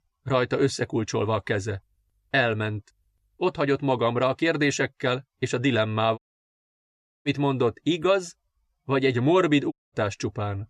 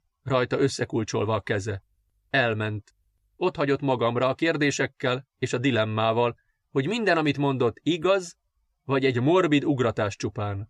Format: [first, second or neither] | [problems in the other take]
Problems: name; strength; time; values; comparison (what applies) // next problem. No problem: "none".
second | audio cutting out; at 6 s for 1 s and at 9.5 s